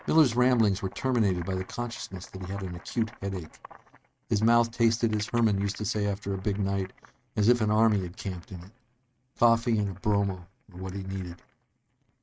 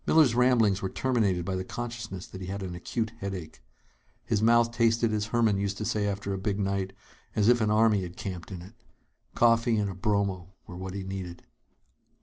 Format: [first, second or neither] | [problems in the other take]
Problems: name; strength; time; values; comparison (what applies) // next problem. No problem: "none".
second | noise reduction (neural mask model RNNoise)